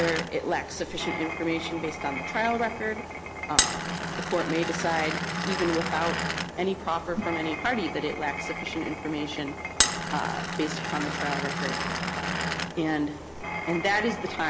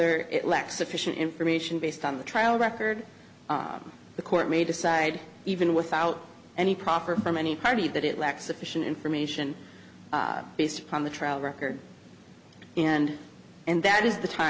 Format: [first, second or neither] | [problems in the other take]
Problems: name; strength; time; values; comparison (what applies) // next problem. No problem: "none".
second | background sound (Glass); 1 dB below the speech